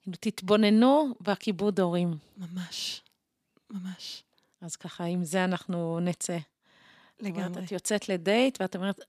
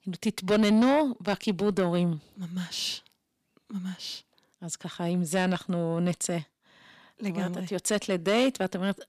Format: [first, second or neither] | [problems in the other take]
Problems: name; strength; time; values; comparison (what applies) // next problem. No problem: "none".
first | distortion; slight; 10 dB below the speech